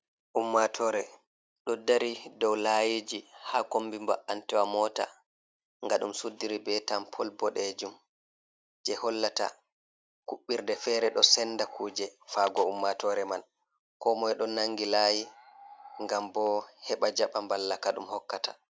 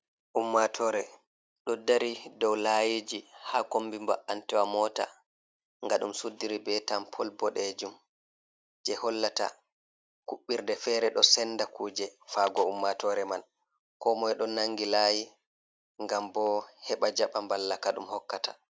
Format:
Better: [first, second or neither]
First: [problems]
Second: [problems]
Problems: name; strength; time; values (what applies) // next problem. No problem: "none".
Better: second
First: background sound (Animal); 20 dB below the speech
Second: none